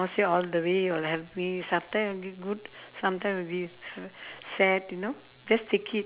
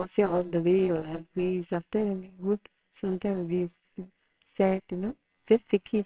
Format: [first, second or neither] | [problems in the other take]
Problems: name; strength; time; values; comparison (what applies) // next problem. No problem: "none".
first | noise reduction (neural separator model SepFormer WHAMR!)